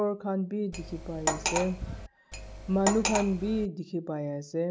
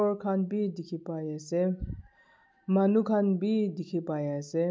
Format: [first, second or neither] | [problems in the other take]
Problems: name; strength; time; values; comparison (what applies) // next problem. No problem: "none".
second | background sound (Cutlery, silverware); 3 dB below the speech